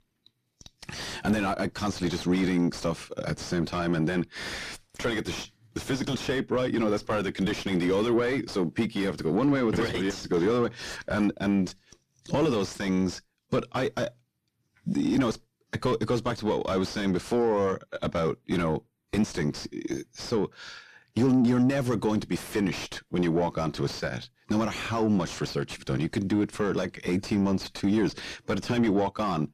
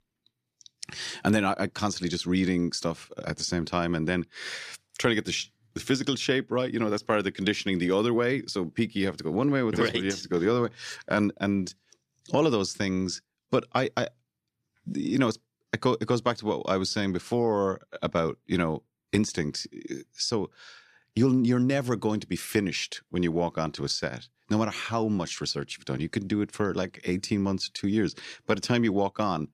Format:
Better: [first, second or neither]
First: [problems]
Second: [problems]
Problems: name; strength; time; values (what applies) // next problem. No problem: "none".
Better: second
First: distortion; heavy; 6 dB below the speech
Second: none